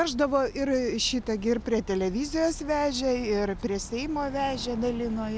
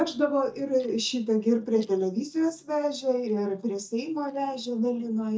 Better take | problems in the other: first | noise reduction (neural mask model DeepFilterNet 3)

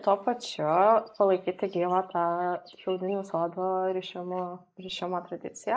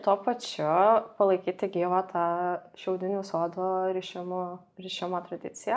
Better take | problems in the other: second | noise reduction (neural mask model Resemble Enhance denoiser)

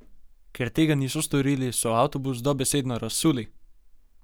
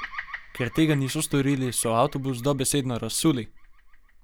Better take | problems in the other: first | background sound (Bird vocalization, bird call, bird song); 18 dB below the speech

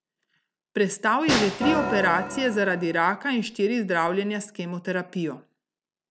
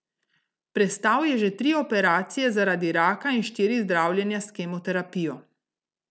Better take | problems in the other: second | background sound (Snare drum + Organ); 5 dB below the speech

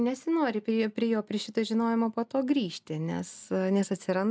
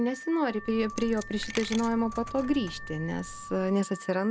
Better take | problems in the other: first | background sound (Alarm / Car + Coin (dropping)); 12 dB below the speech

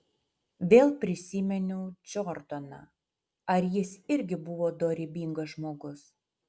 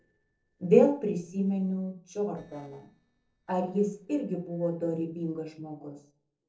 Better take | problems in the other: first | noise reduction (neural separator model SepFormer DNS4)

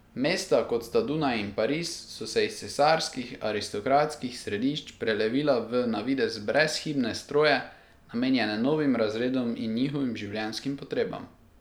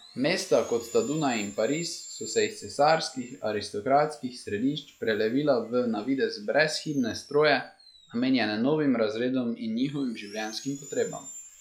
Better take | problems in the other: first | noise reduction (classical method log-MMSE)

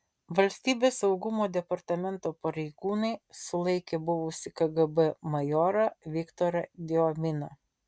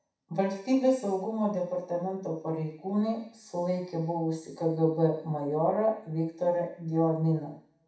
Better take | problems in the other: first | room echo; dies away in 0.7 s

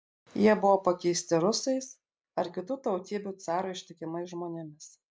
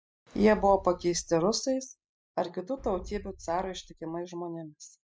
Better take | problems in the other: first | noise reduction (classical method spectral subtraction)

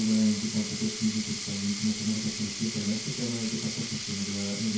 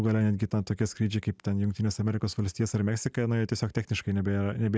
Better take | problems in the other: second | background sound (Sink (filling or washing)); 6 dB below the speech // room echo; dies away in 0.6 s

